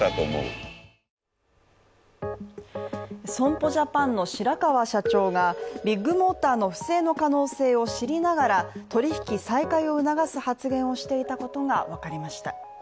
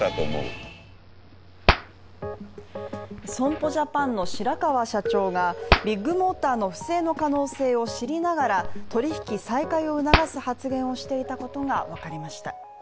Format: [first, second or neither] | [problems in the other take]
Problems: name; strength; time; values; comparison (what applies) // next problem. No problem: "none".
first | background sound (Hands); 4 dB below the speech